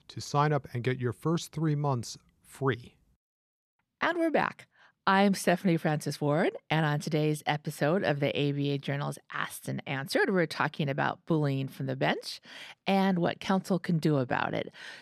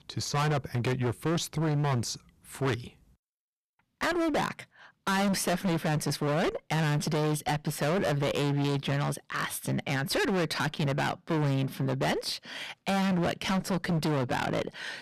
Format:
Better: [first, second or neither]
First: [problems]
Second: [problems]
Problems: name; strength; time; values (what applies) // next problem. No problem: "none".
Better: first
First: none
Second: distortion; heavy; 28% of the sound clipped